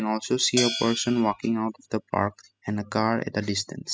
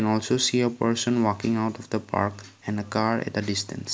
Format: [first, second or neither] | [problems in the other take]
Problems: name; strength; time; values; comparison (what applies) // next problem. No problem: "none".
second | noise reduction (classical method spectral subtraction)